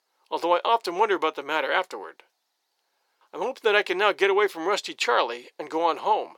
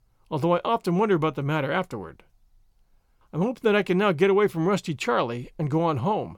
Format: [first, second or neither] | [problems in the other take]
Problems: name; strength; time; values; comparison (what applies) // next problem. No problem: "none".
second | thin; very; fading below 400 Hz